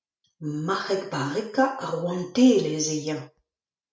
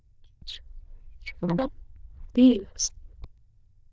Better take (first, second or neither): first